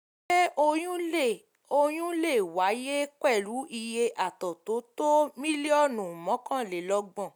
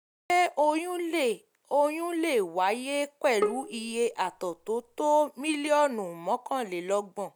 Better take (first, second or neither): first